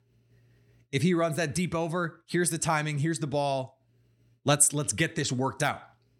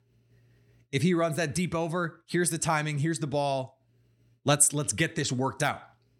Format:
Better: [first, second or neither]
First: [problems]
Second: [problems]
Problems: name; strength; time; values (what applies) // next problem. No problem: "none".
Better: neither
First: none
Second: none